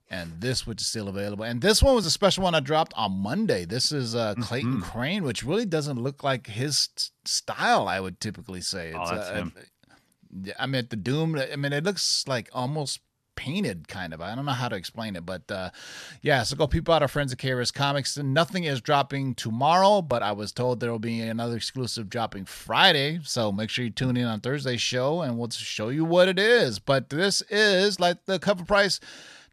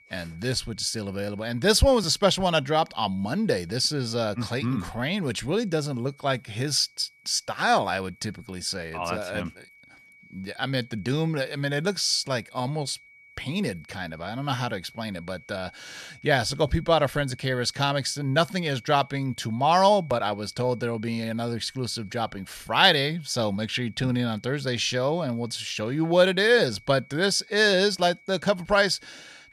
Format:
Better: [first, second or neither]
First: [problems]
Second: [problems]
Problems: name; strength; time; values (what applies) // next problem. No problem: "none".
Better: first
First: none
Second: high-pitched whine; faint; throughout; 2.5 kHz, 25 dB below the speech